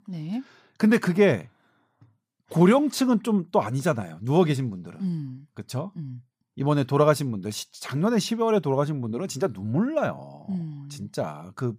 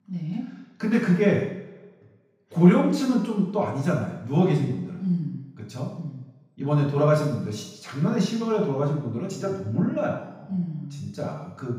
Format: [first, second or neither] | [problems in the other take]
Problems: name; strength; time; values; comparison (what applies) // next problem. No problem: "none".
first | room echo; noticeable; dies away in 0.8 s // off-mic speech; far